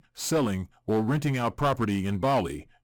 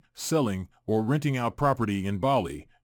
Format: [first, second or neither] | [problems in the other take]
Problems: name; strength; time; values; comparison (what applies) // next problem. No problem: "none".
second | distortion; slight; 7% of the sound clipped